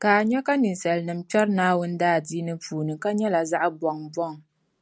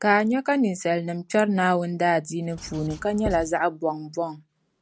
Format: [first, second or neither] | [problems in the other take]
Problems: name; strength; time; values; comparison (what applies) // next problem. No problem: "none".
first | background sound (Writing); 13 dB below the speech